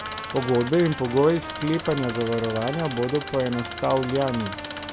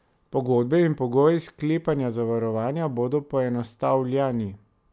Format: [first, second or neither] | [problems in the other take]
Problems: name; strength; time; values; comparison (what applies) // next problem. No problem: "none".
second | background sound (Trumpet + Engine); 10 dB below the speech